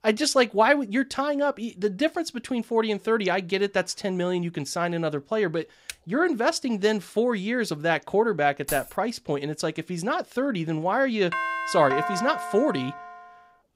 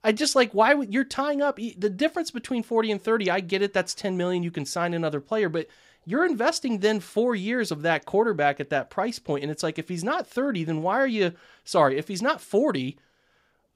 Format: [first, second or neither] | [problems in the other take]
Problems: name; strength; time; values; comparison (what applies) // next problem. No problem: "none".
second | keyboard typing; very faint; at 6 s; peak 15 dB below the speech // jangling keys; noticeable; at 8.5 s; peak 9 dB below the speech // doorbell; noticeable; from 11 to 13 s; peak 2 dB below the speech